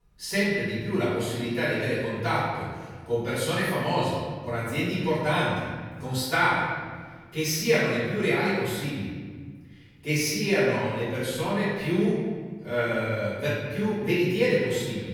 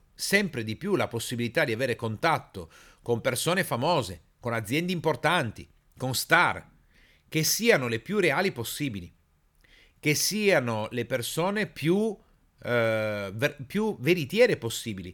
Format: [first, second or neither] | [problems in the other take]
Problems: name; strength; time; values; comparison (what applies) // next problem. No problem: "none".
second | room echo; strong; dies away in 1.7 s // off-mic speech; far